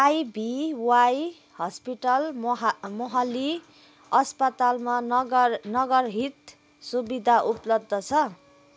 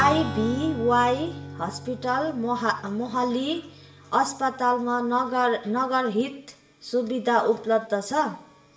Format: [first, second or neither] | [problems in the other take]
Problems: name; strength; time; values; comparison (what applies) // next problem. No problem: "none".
first | background sound (Strum); 14 dB below the speech // room echo; dies away in 0.5 s